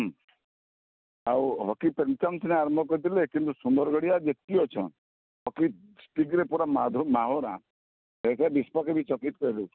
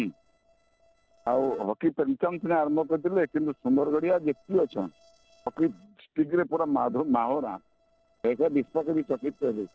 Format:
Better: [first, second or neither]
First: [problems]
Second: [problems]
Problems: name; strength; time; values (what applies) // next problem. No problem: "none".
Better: first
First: none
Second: noise reduction (neural separator model SepFormer DNS4)